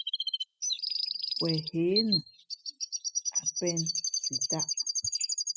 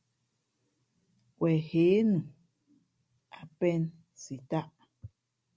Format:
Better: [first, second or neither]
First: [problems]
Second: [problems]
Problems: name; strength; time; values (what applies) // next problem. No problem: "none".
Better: second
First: noise reduction (classical method spectral subtraction)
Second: none